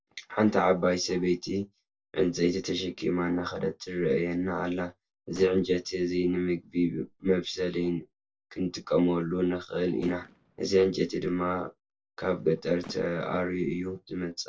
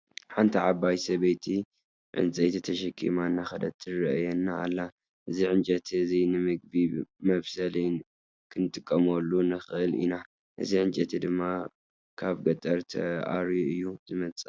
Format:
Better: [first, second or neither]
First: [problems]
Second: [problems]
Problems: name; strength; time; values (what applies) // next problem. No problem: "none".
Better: second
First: noise reduction (neural separator model SepFormer DNS4)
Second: none